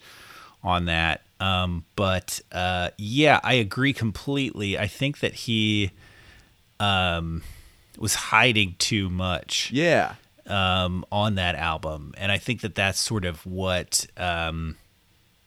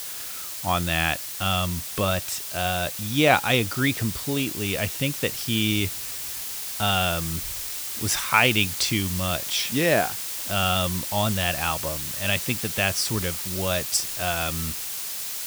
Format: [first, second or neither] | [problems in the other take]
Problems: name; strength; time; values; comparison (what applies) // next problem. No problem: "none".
first | hiss; loud; throughout; 4 dB below the speech